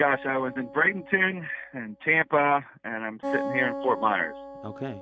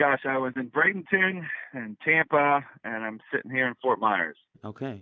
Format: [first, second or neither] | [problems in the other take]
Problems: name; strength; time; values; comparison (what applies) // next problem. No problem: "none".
second | background sound (Acoustic guitar); 11 dB below the speech